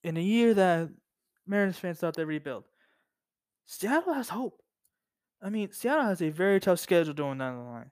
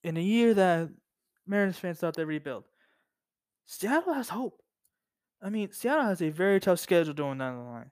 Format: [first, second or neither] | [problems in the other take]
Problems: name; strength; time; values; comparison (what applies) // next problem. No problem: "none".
neither | none